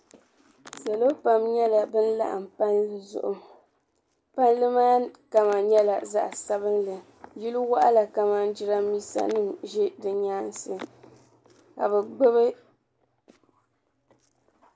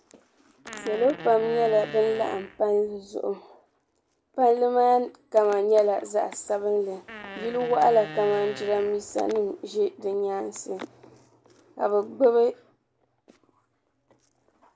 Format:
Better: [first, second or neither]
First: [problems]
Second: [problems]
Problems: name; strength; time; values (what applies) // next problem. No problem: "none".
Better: first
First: none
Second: background sound (Fart); 15 dB below the speech